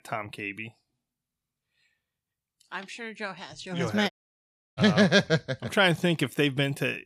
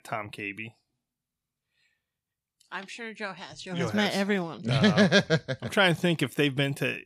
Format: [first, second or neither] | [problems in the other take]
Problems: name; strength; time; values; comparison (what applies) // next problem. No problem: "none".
second | audio cutting out; at 4 s for 0.5 s